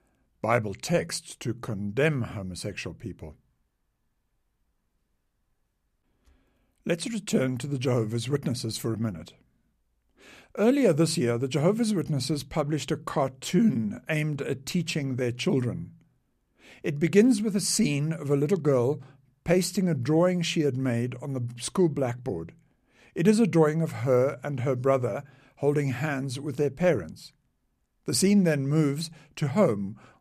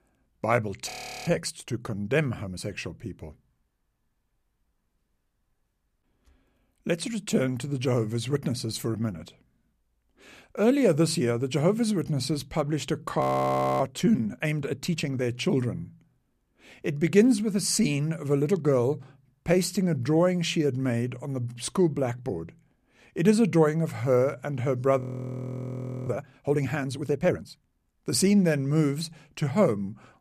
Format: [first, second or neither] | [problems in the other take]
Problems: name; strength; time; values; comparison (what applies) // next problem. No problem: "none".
first | audio freezing; at 1 s, at 13 s for 0.5 s and at 25 s for 1 s